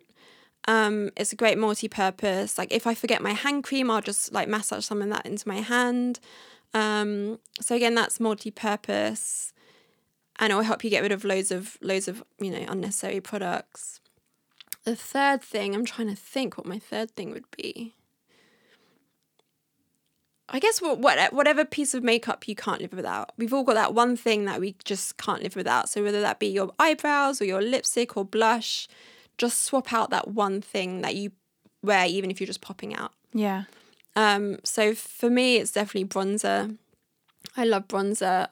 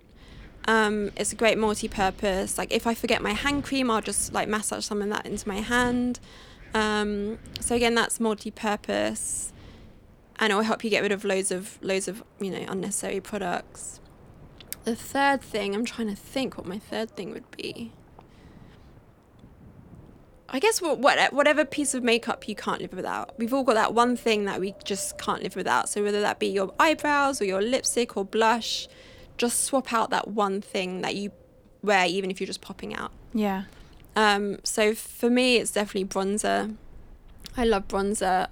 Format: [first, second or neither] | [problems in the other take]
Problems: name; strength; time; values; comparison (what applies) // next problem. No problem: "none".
first | wind in the background; faint; throughout; 25 dB below the speech